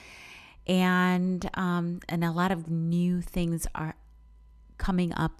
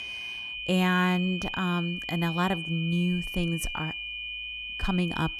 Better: first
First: none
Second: high-pitched whine; loud; throughout; 2.5 kHz, 5 dB below the speech

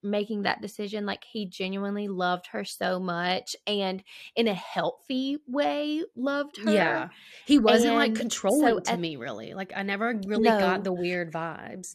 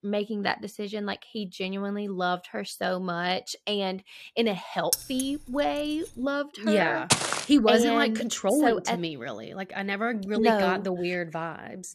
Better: first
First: none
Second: jangling keys; noticeable; at 5 s; peak 1 dB below the speech // footsteps; loud; at 7 s; peak 3 dB above the speech

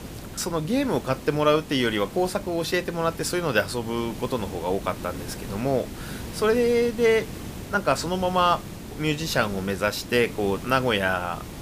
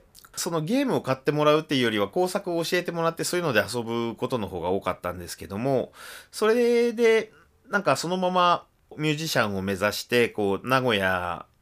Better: second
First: hiss; noticeable; throughout; 15 dB below the speech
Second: none

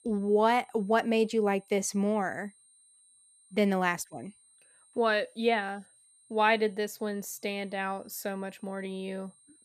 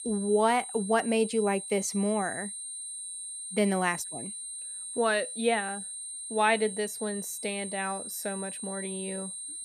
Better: first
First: high-pitched whine; faint; throughout; 8.5 kHz, 30 dB below the speech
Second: high-pitched whine; loud; throughout; 8.5 kHz, 7 dB below the speech

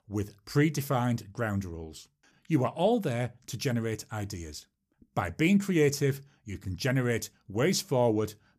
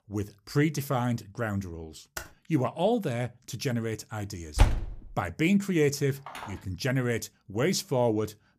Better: first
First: none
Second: keyboard typing; faint; at 2 s; peak 10 dB below the speech // door banging; loud; at 4.5 s; peak 2 dB above the speech // phone ringing; faint; at 6.5 s; peak 10 dB below the speech

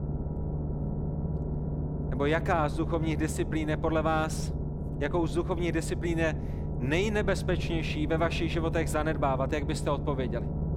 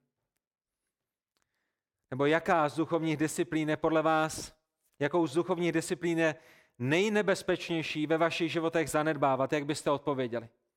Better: second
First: low rumble; noticeable; throughout; 10 dB below the speech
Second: none

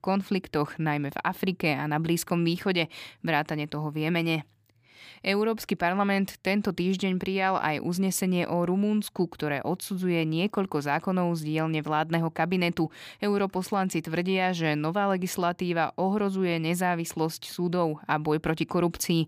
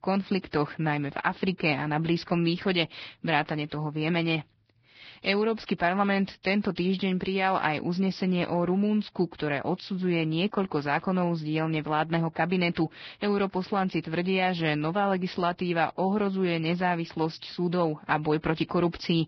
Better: first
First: none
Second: garbled, watery; badly; nothing above 5.5 kHz

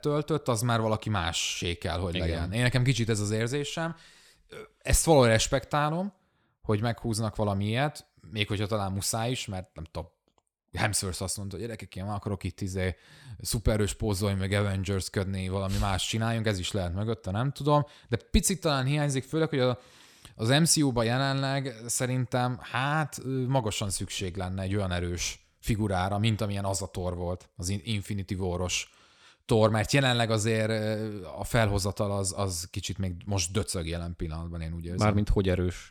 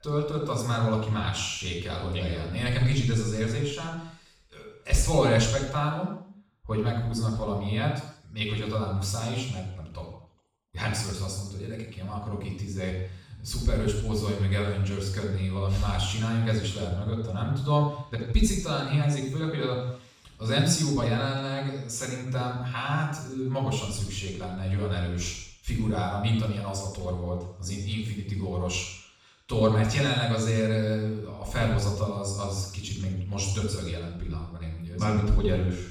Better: first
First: none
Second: room echo; noticeable; dies away in 0.6 s // off-mic speech; far

